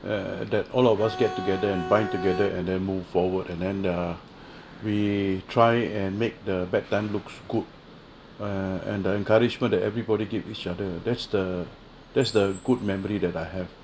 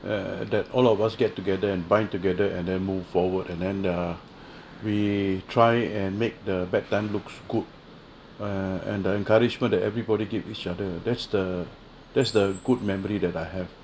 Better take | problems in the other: second | background sound (Bowed string instrument); 8 dB below the speech

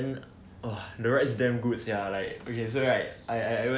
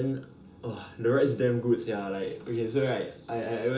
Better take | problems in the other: first | room echo; dies away in 0.2 s

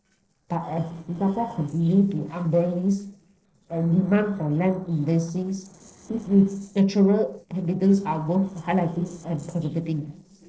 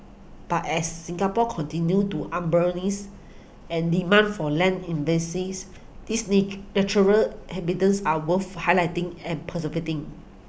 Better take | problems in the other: second | noise reduction (neural separator model SepFormer DNS4)

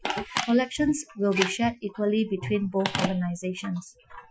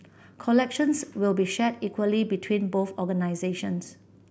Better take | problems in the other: second | noise reduction (classical method Wiener filter)

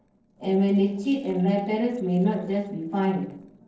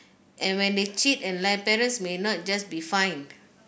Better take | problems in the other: second | noise reduction (neural separator model SepFormer DNS4)

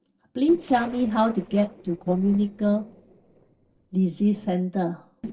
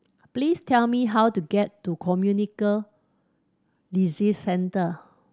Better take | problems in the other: second | noise reduction (neural separator model SepFormer DNS4)

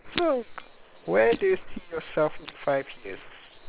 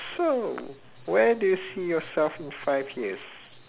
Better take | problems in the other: second | noise reduction (neural separator model SepFormer WHAM!)

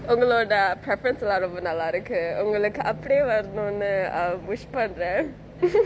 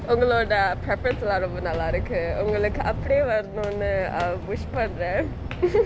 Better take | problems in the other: first | background sound (Walk, footsteps); 7 dB below the speech

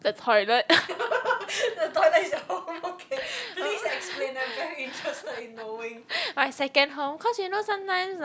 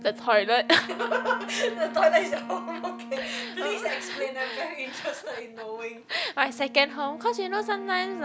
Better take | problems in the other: first | background sound (Wind instrument, woodwind instrument); 14 dB below the speech

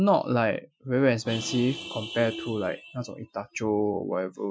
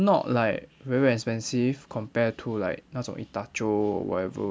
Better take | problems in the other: second | noise reduction (classical method Wiener filter)

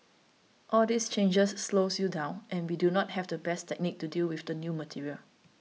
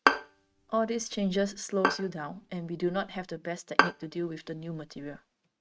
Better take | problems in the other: first | noise reduction (neural mask model RNNoise)

